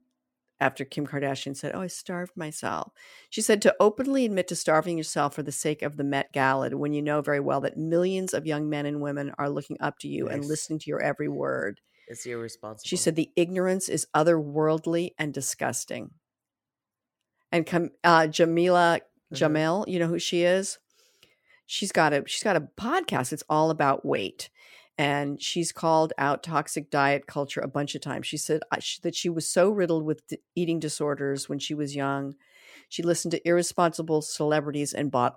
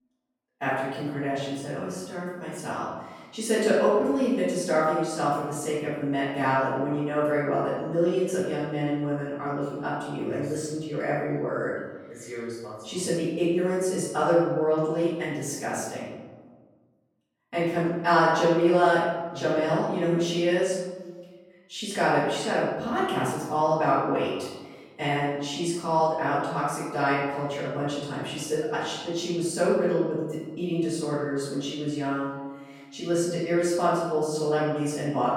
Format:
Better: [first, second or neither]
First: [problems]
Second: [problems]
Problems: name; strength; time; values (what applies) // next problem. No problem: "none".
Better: first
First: none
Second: off-mic speech; far // room echo; strong; dies away in 1.1 s